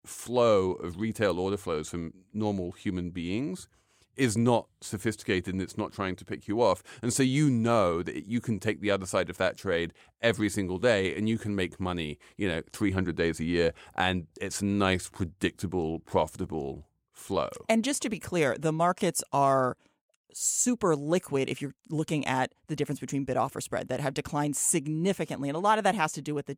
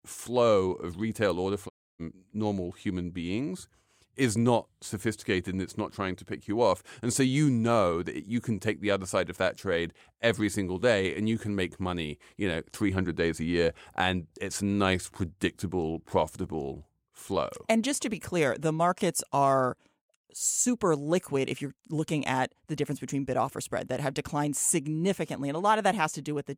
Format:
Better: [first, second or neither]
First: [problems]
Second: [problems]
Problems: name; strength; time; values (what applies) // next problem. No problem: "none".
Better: first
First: none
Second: audio cutting out; at 1.5 s